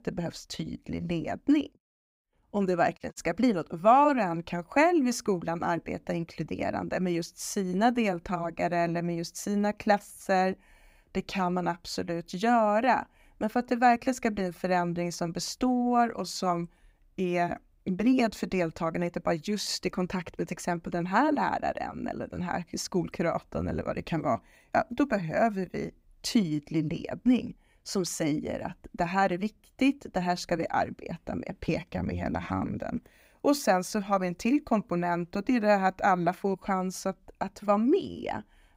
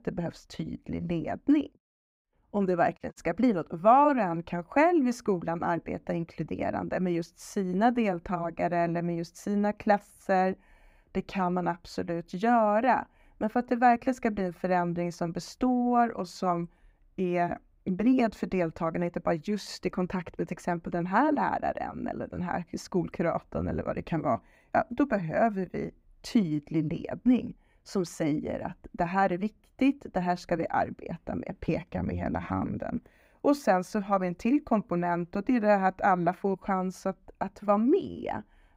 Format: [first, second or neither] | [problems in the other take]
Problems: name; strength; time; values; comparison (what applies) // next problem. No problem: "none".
first | muffled; slightly; fading above 2.5 kHz